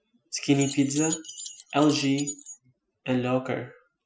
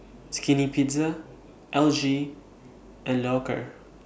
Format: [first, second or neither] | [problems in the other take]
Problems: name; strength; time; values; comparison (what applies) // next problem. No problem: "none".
second | noise reduction (classical method Wiener filter)